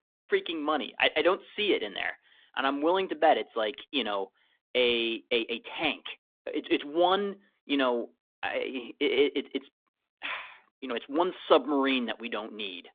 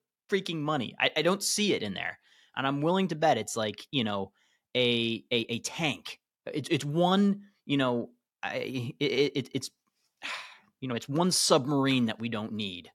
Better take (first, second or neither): second